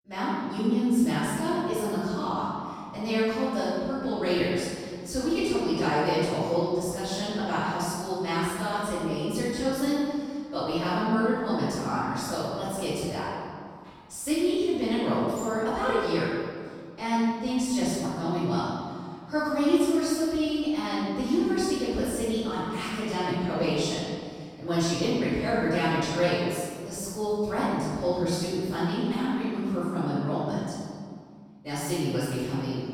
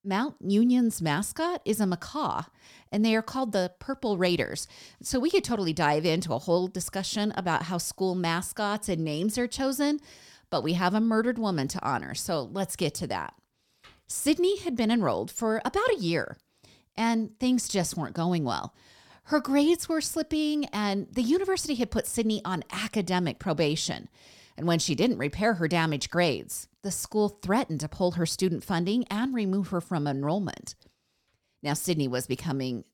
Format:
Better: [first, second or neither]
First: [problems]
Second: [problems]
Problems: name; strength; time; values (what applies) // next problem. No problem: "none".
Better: second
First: room echo; strong; dies away in 1.8 s // off-mic speech; far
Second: none